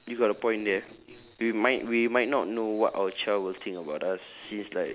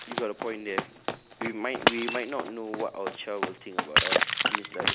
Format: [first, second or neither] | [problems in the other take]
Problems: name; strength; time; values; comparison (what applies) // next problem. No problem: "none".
first | background sound (Run + Shatter); 5 dB above the speech